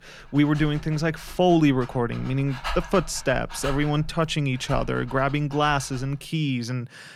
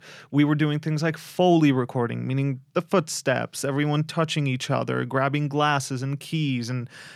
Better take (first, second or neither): second